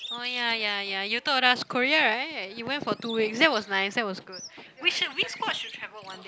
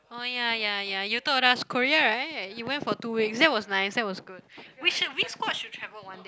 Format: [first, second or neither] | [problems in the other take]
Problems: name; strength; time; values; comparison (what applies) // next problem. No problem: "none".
second | background sound (Bird); 18 dB below the speech